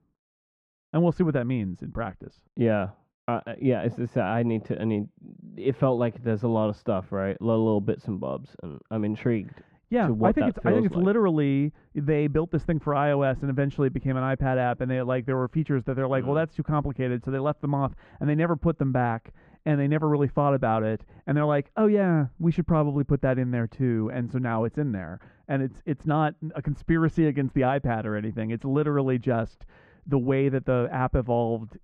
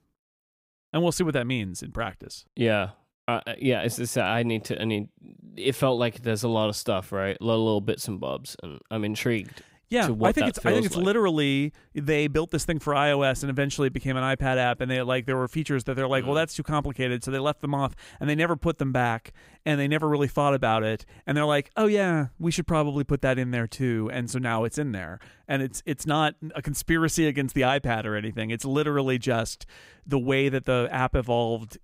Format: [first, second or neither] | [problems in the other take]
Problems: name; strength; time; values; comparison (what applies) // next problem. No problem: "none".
second | muffled; very; fading above 1.5 kHz